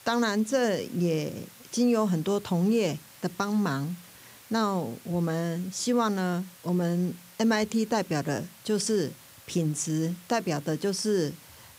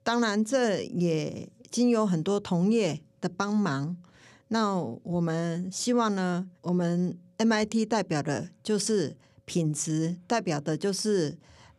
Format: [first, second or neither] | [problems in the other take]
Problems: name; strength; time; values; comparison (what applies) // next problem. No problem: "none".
second | hiss; faint; throughout; 20 dB below the speech